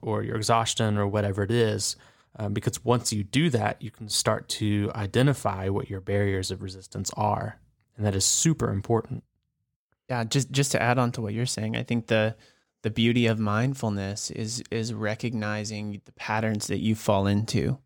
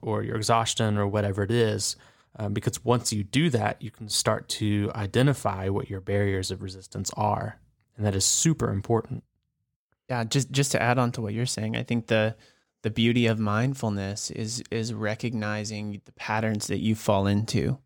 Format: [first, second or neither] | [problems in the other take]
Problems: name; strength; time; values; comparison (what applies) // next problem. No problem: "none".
neither | none